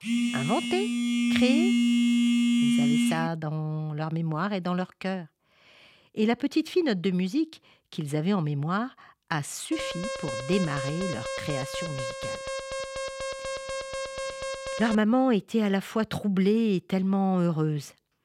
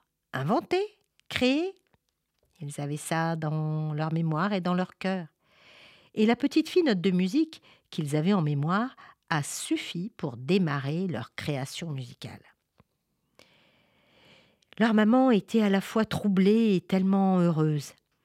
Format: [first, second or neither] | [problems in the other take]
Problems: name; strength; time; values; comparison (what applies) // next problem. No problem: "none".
second | phone ringing; loud; until 3.5 s; peak 6 dB above the speech // alarm; noticeable; from 9.5 to 15 s; peak 5 dB below the speech